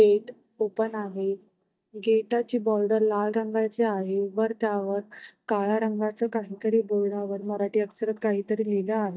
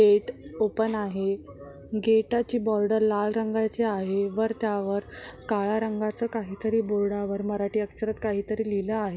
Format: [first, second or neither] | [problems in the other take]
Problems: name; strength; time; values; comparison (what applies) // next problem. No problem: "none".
second | noise reduction (neural mask model DeepFilterNet 3)